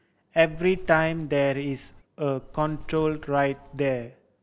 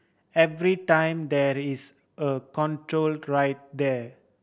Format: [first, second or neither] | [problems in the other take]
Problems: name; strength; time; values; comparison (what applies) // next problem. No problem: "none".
second | background sound (Bird); 16 dB below the speech